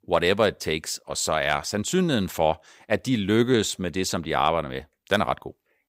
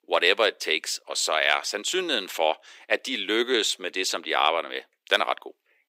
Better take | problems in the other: first | thin; somewhat; fading below 300 Hz

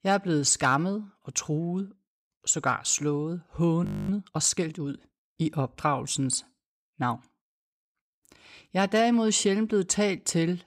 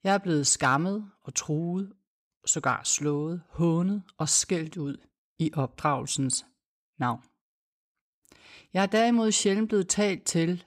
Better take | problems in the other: second | audio freezing; at 4 s

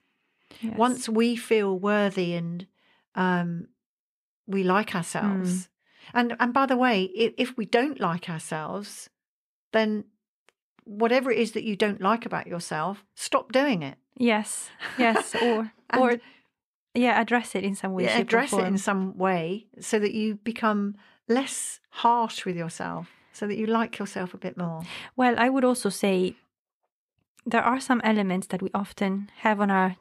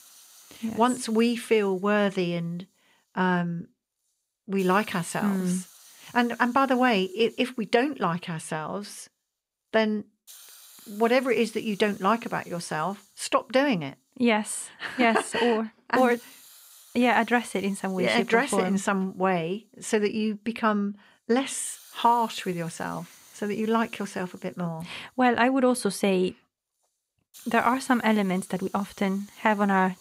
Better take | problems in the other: first | hiss; faint; throughout; 25 dB below the speech

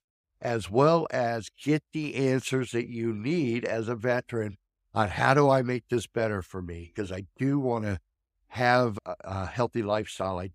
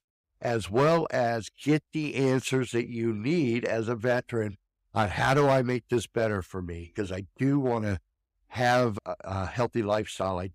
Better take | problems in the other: first | distortion; slight; 2% of the sound clipped

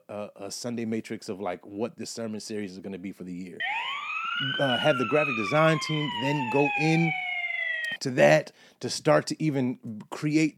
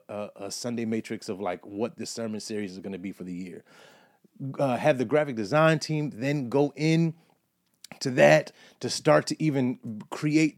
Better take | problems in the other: second | siren; loud; from 3.5 to 8 s; peak 1 dB above the speech

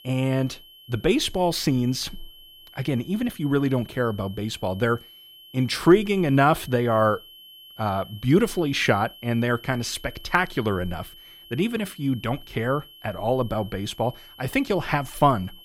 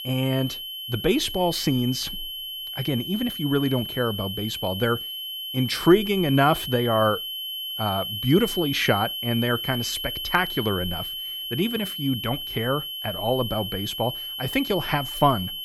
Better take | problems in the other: first | high-pitched whine; loud; throughout; 3 kHz, 5 dB below the speech; faint in the first

